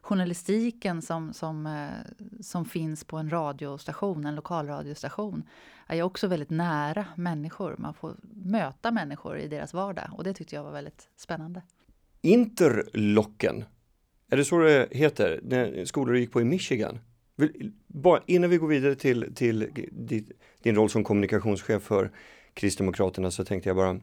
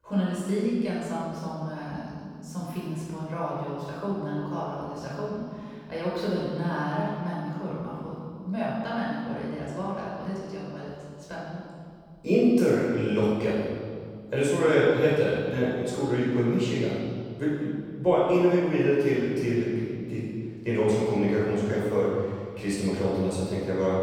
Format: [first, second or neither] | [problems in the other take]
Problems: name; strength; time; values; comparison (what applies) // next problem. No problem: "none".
first | off-mic speech; far // room echo; strong; dies away in 1.9 s